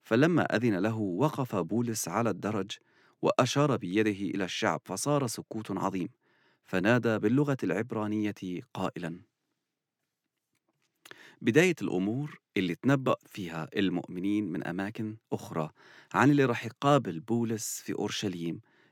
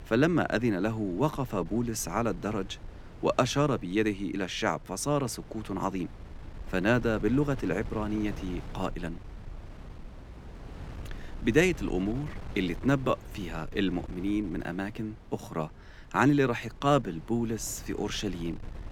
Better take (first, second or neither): first